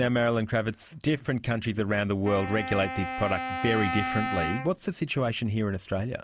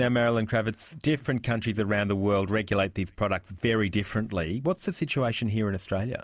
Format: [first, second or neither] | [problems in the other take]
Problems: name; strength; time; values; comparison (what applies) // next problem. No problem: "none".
second | background sound (Wind instrument, woodwind instrument); 6 dB below the speech